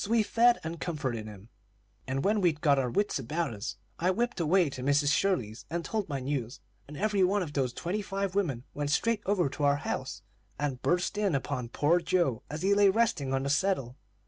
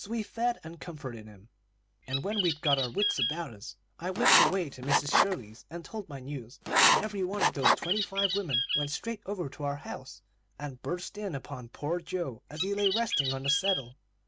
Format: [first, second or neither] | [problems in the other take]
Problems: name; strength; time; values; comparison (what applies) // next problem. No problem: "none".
first | background sound (Bird + Writing); 5 dB above the speech